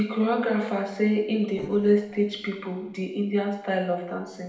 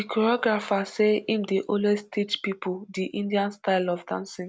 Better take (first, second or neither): second